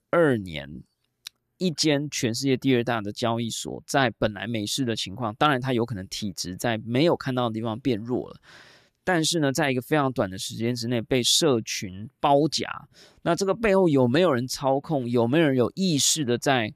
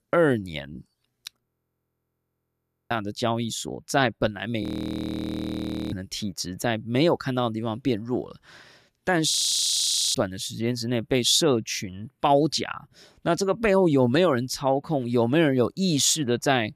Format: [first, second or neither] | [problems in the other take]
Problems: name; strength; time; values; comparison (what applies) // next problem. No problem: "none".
first | audio freezing; at 1.5 s for 1.5 s, at 4.5 s for 1.5 s and at 9.5 s for 1 s